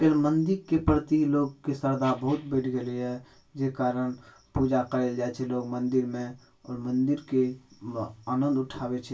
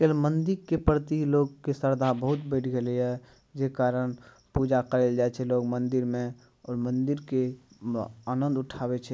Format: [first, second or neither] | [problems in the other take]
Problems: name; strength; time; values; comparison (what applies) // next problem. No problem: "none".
second | room echo; dies away in 0.2 s